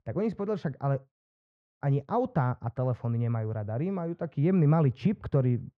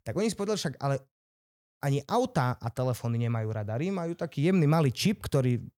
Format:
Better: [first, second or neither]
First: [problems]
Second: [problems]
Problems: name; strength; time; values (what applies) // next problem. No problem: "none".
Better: second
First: muffled; very; fading above 1.5 kHz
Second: none